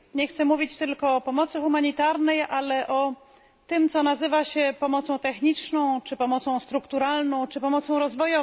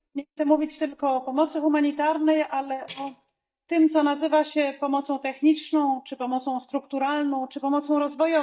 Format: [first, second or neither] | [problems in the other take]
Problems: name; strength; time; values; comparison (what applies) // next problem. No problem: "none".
first | noise reduction (neural mask model DeepFilterNet 3)